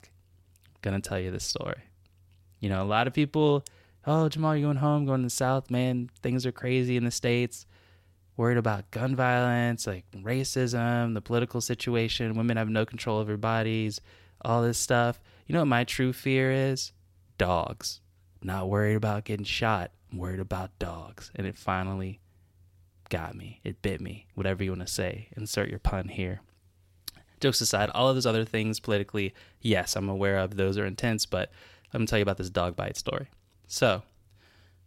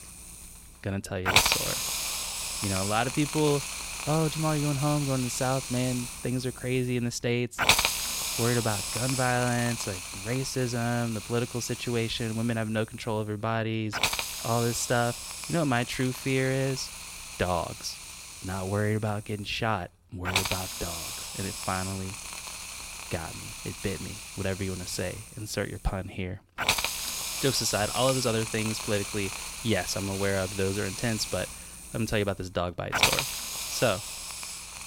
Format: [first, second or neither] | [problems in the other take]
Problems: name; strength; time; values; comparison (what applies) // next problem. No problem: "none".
first | hiss; loud; throughout; 1 dB below the speech